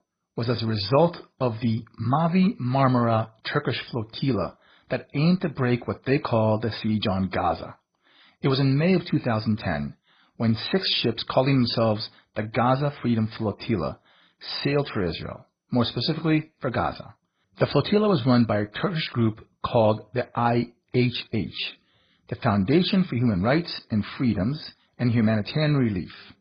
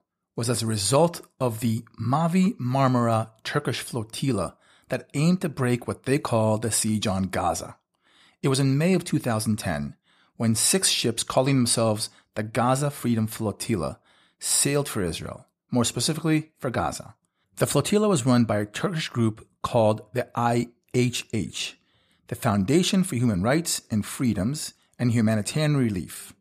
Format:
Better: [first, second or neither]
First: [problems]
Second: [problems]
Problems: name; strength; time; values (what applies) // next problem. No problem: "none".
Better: second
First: garbled, watery; badly; nothing above 5 kHz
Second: none